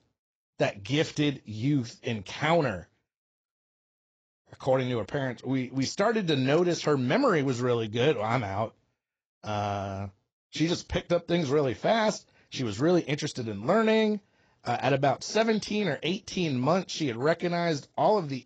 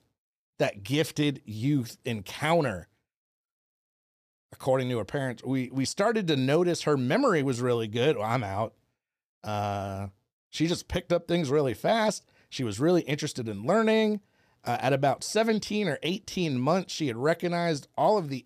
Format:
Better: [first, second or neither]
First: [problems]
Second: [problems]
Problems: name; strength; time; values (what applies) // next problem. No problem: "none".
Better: second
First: garbled, watery; badly; nothing above 7.5 kHz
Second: none